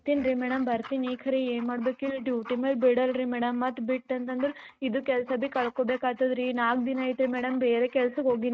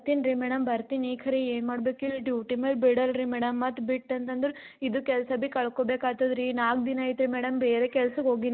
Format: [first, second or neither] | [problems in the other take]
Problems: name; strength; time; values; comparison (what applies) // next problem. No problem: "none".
second | noise reduction (neural mask model RNNoise)